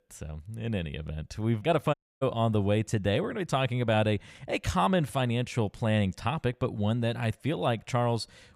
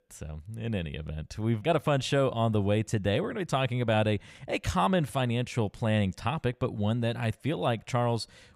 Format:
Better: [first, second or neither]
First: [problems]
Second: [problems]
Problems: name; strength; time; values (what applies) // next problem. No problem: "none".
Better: second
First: audio cutting out; at 2 s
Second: none